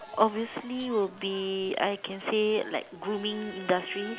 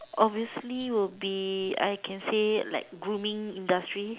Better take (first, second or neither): second